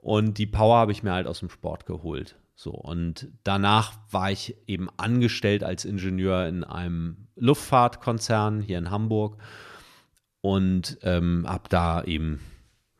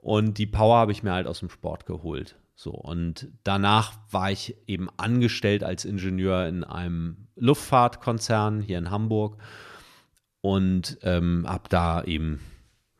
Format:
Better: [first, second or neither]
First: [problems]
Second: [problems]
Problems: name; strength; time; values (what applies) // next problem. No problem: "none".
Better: neither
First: none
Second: none